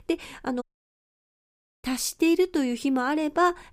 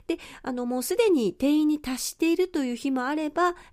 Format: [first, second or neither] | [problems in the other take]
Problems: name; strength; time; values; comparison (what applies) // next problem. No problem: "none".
second | audio cutting out; at 0.5 s for 1 s